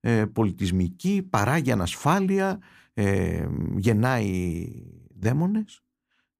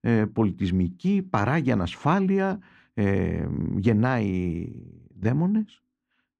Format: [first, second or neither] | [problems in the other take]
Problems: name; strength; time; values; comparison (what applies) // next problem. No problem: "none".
first | muffled; slightly; fading above 3.5 kHz